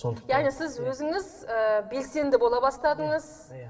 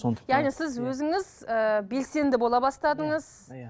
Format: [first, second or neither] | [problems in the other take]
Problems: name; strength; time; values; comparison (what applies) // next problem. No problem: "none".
second | room echo; dies away in 1.7 s